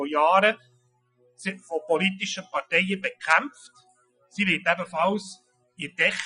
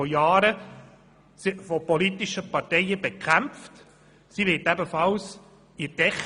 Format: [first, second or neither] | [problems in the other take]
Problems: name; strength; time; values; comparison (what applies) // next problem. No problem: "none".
second | noise reduction (classical method Wiener filter)